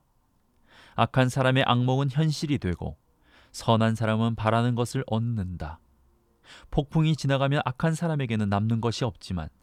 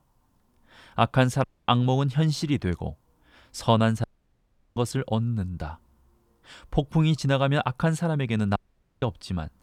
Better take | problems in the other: first | audio cutting out; at 1.5 s, at 4 s for 0.5 s and at 8.5 s

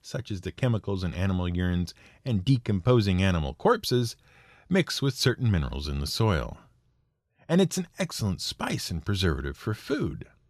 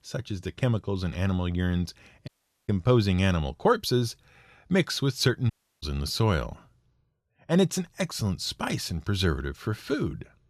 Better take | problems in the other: first | audio cutting out; at 2.5 s and at 5.5 s

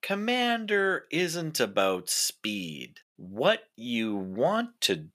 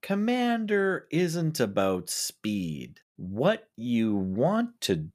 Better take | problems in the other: second | thin; very slightly; fading below 550 Hz

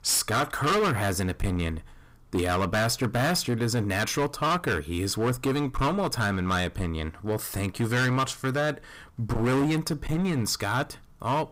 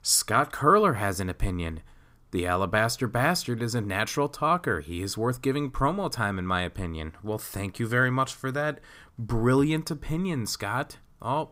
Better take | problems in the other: second | distortion; heavy; 15% of the sound clipped

